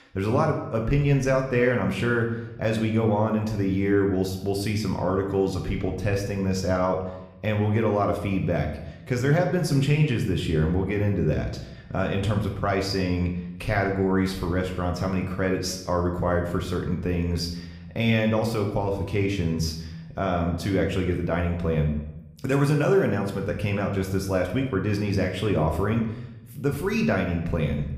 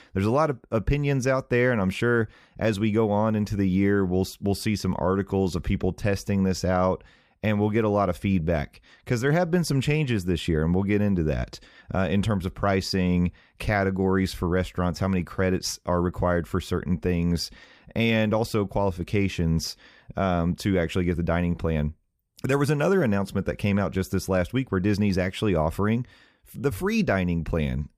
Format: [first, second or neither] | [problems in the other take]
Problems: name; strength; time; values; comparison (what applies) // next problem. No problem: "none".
second | room echo; slight; dies away in 0.7 s